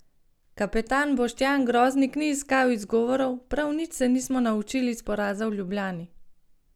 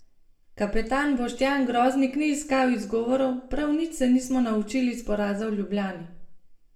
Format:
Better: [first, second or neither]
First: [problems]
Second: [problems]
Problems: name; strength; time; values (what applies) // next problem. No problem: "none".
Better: first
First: none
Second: room echo; dies away in 0.4 s